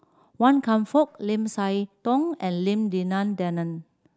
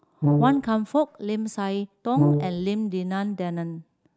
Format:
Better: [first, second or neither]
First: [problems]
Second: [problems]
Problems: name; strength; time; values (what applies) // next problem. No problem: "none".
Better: first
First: none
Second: background sound (Brass instrument); 3 dB above the speech